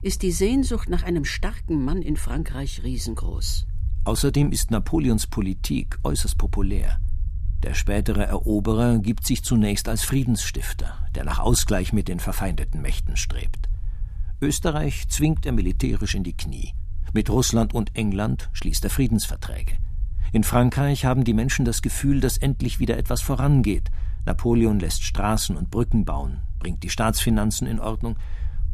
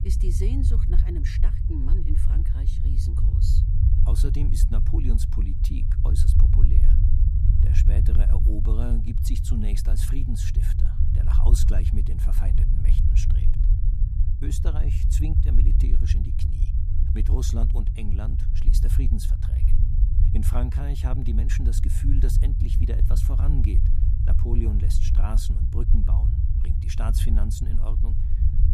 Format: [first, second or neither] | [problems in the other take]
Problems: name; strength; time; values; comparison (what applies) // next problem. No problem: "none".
first | low rumble; loud; throughout; 1 dB below the speech; faint in the first